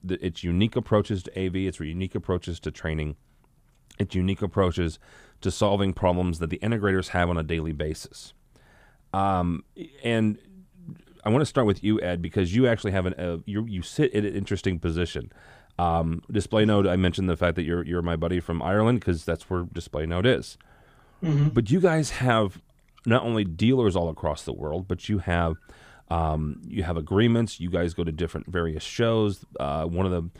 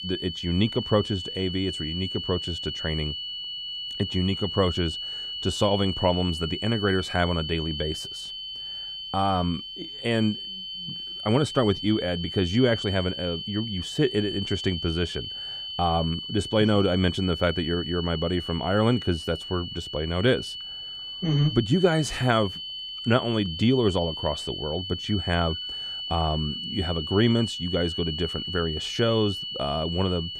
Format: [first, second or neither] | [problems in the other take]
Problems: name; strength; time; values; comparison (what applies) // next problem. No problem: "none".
first | high-pitched whine; loud; throughout; 3 kHz, 6 dB below the speech